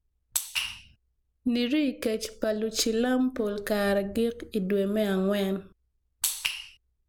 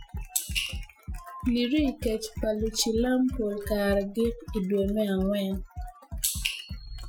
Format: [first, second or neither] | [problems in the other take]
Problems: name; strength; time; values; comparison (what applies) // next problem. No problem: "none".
first | noise reduction (classical method Wiener filter)